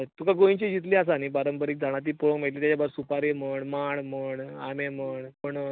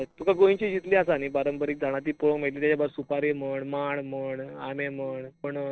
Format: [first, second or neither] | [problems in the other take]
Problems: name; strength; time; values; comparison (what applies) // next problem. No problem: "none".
first | noise reduction (neural separator model SepFormer DNS4)